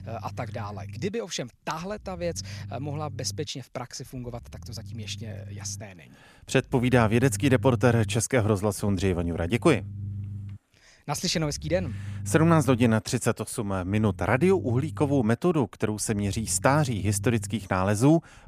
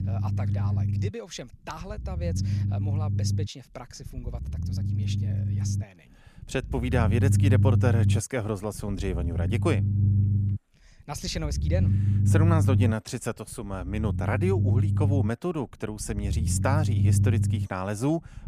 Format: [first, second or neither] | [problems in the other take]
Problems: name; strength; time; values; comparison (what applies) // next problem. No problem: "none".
first | low rumble; loud; throughout; 6 dB below the speech; faint in the first